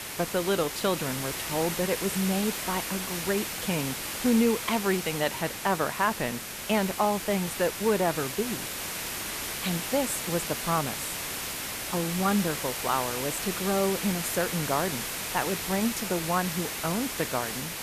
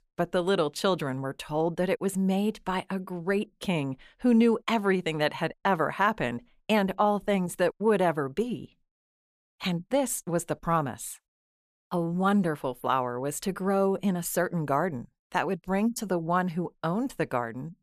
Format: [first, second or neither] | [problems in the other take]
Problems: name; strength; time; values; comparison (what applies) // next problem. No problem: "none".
second | hiss; loud; throughout; 3 dB below the speech